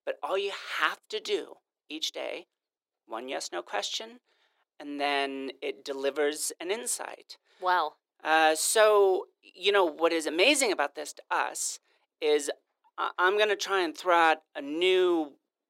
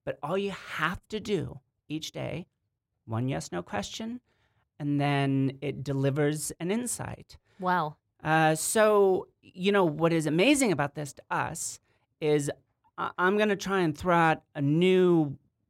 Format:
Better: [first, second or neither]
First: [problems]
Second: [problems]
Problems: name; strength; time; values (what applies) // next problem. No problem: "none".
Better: second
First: thin; very; fading below 350 Hz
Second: none